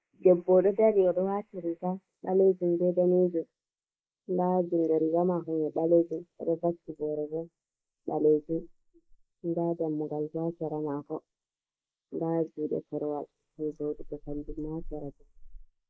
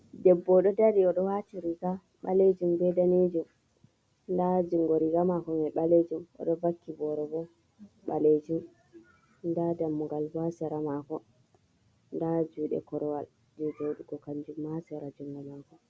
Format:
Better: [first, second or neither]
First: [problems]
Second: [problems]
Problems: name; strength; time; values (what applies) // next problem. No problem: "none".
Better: second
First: noise reduction (neural mask model Resemble Enhance denoiser)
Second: none